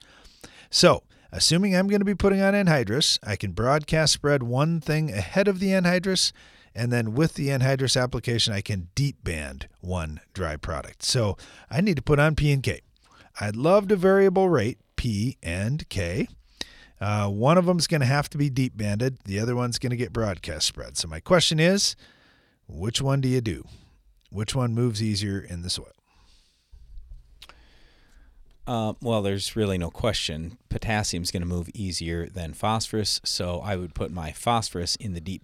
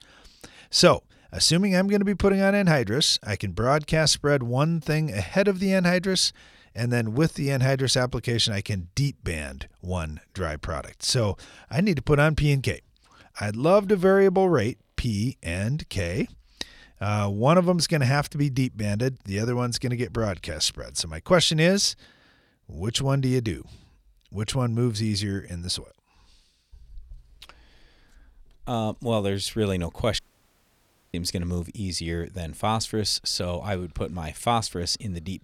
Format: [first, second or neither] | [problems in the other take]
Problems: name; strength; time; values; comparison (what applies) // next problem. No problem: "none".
first | audio cutting out; at 30 s for 1 s